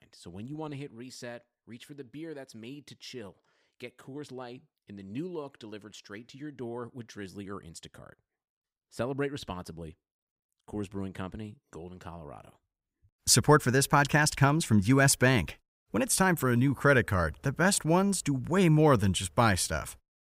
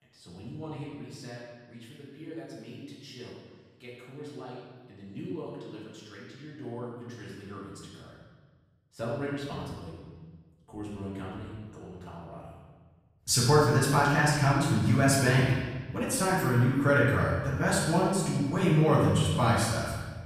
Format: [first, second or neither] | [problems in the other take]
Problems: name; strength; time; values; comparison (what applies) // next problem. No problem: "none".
first | off-mic speech; far // room echo; strong; dies away in 1.3 s